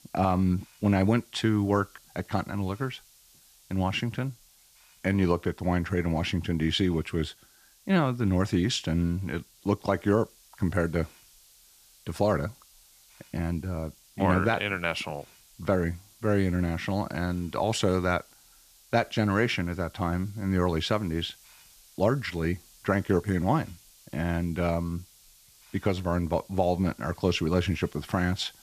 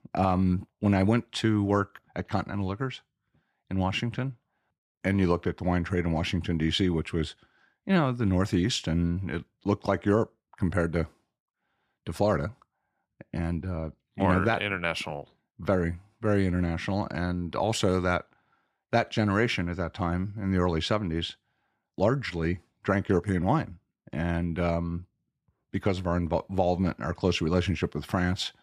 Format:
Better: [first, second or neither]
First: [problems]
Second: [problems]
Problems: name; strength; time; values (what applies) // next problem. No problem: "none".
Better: second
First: hiss; faint; throughout; 25 dB below the speech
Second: none